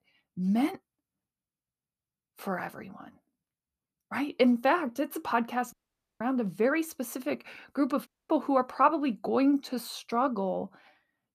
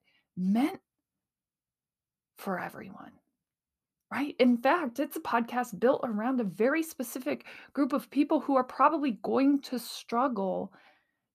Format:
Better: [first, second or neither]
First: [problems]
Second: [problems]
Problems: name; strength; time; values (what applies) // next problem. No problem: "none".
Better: second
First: audio cutting out; at 5.5 s and at 8 s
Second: none